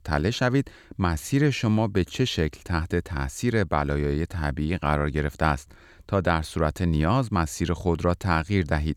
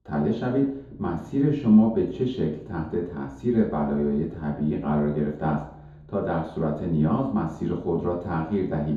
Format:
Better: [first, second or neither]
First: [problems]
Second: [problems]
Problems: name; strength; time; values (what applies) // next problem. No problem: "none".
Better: first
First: none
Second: room echo; noticeable; dies away in 3 s // off-mic speech; far